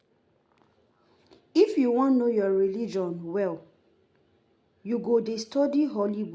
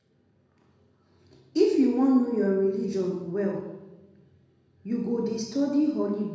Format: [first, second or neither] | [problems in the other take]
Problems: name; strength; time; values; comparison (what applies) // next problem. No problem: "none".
first | room echo; dies away in 0.9 s